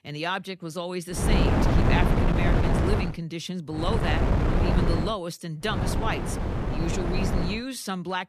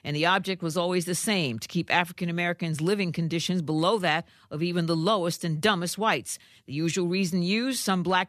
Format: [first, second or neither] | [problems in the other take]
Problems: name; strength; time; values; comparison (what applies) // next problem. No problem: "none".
second | wind noise on the microphone; heavy; from 1 to 3 s, from 4 to 5 s and from 5.5 to 7.5 s; 1 dB above the speech